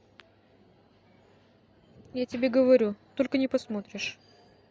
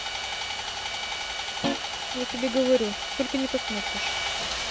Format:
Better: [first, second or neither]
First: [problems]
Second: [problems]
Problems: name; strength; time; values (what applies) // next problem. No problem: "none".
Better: first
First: none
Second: background sound (Guitar + Sawing); as loud as the speech